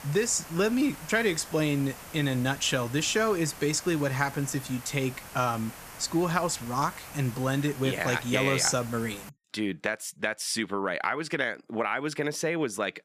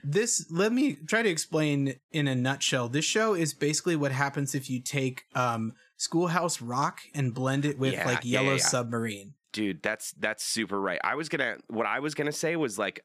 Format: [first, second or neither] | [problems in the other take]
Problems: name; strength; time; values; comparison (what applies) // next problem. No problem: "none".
second | hiss; noticeable; until 9.5 s; 15 dB below the speech